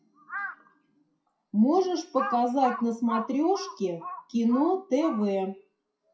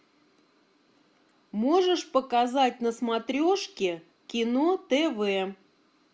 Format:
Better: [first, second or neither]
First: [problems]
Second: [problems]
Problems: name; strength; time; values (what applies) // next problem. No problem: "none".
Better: second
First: noise reduction (classical method WPE with log-MMSE)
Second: none